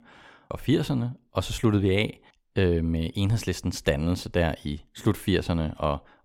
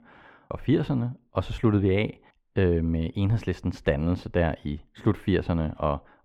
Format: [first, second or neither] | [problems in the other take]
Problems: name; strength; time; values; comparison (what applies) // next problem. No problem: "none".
first | muffled; slightly; fading above 4 kHz